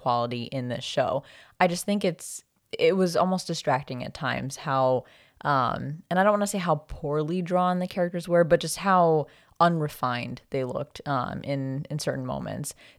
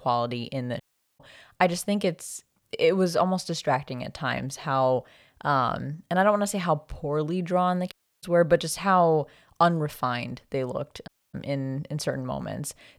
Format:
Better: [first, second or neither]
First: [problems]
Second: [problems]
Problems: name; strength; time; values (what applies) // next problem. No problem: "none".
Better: first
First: none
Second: audio cutting out; at 1 s, at 8 s and at 11 s